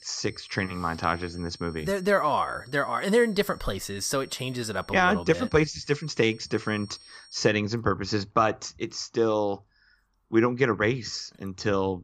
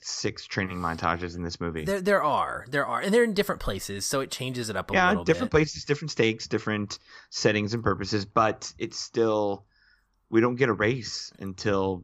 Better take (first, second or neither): second